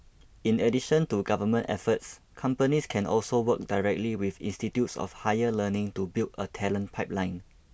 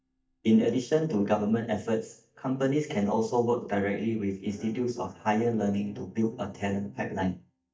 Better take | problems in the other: first | noise reduction (neural mask model DeepFilterNet 3)

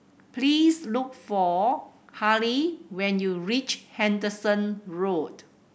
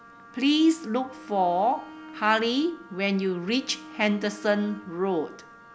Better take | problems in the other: first | background sound (Bowed string instrument + Wind instrument, woodwind instrument); 19 dB below the speech

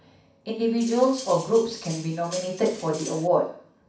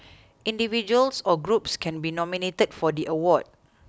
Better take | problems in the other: second | background sound (Cutlery, silverware); 16 dB below the speech // room echo; dies away in 0.6 s

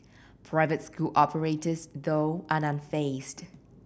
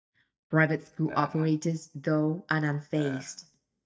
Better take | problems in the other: first | noise reduction (neural mask model DeepFilterNet 3)

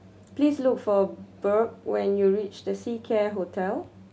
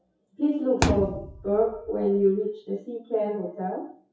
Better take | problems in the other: first | noise reduction (classical method WPE with log-MMSE)

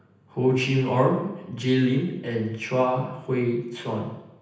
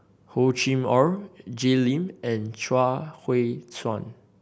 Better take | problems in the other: second | room echo; dies away in 0.9 s

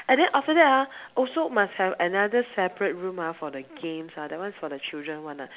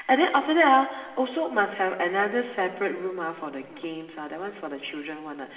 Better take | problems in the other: first | room echo; dies away in 2.9 s

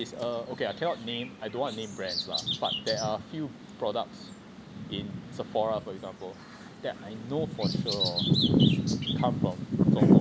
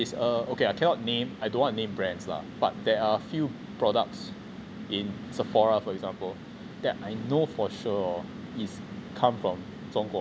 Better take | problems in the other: second | background sound (Bird vocalization, bird call, bird song); 5 dB above the speech

